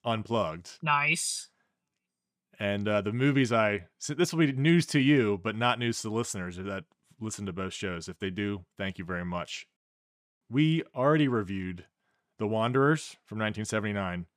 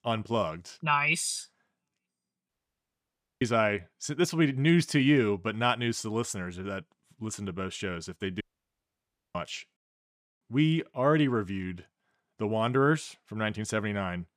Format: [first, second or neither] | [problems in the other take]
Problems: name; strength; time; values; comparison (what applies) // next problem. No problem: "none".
first | audio cutting out; at 2.5 s for 1 s and at 8.5 s for 1 s